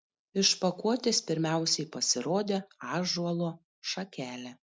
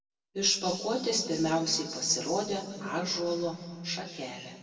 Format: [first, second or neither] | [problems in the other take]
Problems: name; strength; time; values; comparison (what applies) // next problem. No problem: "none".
first | room echo; dies away in 2 s